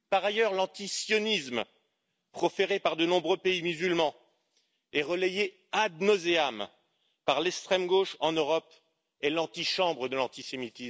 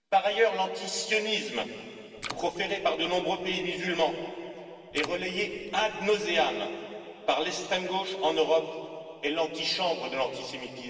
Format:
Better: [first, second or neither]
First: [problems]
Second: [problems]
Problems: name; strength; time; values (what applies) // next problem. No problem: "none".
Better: first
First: none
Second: background sound (Water / Splash, splatter); 15 dB below the speech // room echo; dies away in 2.6 s